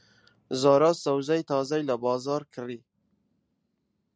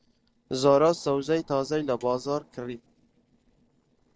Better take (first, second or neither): first